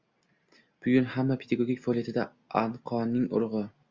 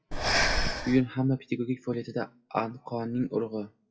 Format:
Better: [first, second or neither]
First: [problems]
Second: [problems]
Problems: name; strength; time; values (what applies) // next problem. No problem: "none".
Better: first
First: none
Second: noise reduction (classical method WPE with log-MMSE)